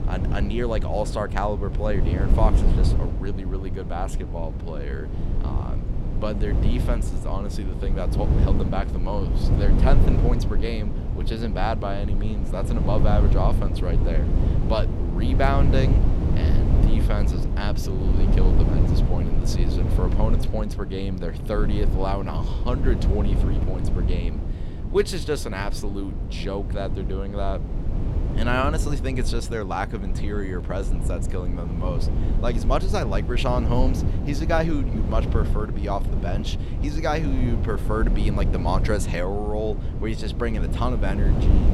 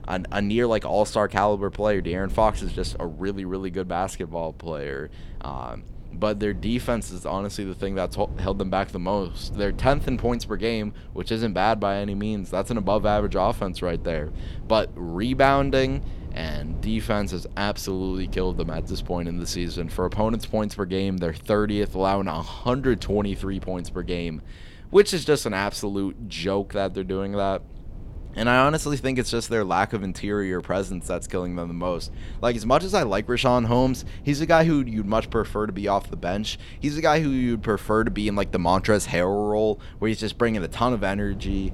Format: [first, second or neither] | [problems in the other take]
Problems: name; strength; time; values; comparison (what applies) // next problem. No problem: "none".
second | low rumble; loud; throughout; 6 dB below the speech; faint in the second